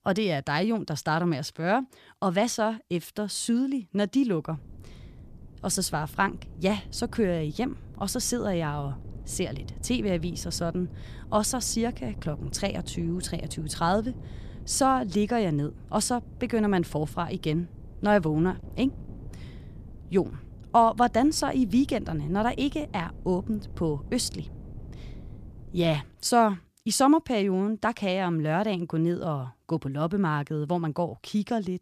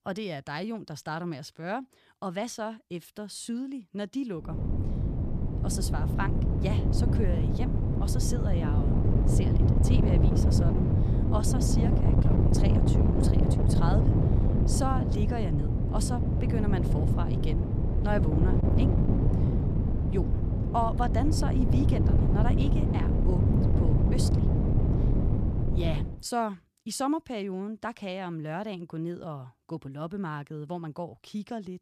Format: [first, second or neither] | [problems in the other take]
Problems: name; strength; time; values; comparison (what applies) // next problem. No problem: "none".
first | wind noise on the microphone; heavy; from 4.5 to 26 s; as loud as the speech; occasional gusts in the first